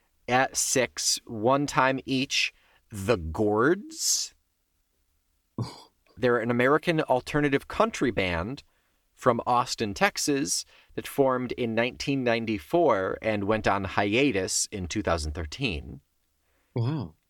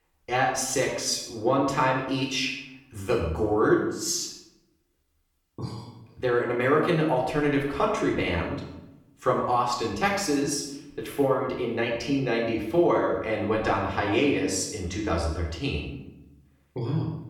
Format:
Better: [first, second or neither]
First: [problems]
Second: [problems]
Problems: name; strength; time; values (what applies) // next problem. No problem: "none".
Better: first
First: none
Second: off-mic speech; somewhat distant // room echo; noticeable; dies away in 0.8 s